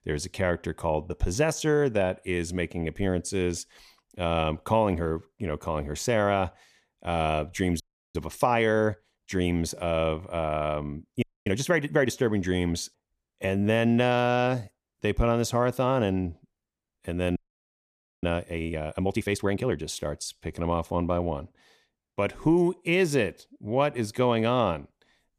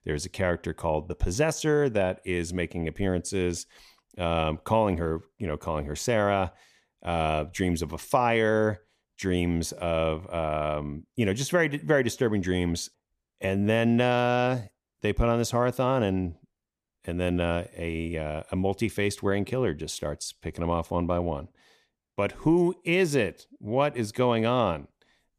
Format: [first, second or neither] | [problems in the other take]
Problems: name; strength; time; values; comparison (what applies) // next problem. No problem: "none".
second | audio freezing; at 8 s, at 11 s and at 17 s for 1 s